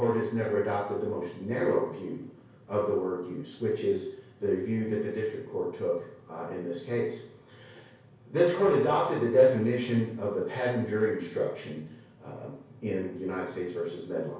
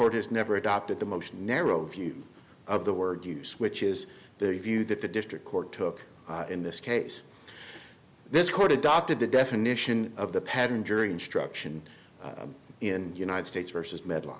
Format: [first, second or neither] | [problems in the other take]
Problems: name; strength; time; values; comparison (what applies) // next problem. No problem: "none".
second | room echo; dies away in 0.6 s